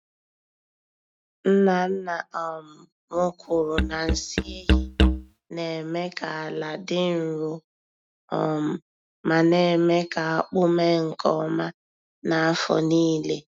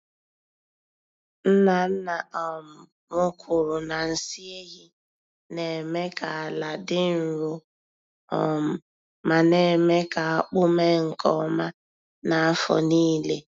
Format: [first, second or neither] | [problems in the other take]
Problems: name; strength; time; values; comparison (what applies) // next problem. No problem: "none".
second | noise reduction (neural mask model RNNoise)